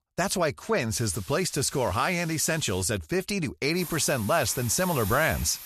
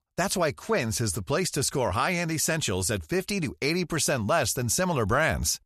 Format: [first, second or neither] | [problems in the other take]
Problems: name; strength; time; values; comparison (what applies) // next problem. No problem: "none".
second | hiss; noticeable; from 1 to 3 s and from 4 s on; 15 dB below the speech